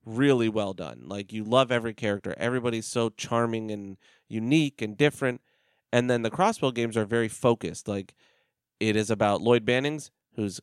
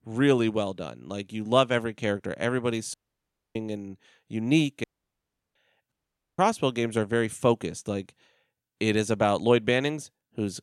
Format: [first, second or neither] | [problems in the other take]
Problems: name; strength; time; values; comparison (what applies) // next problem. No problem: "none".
first | audio cutting out; at 3 s for 0.5 s, at 5 s for 0.5 s and at 6 s